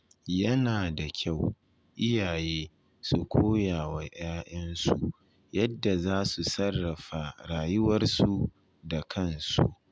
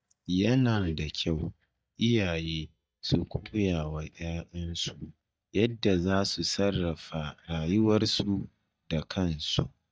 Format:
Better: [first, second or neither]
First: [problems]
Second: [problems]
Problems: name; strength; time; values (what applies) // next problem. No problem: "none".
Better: first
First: none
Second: noise reduction (neural mask model DeepFilterNet 3)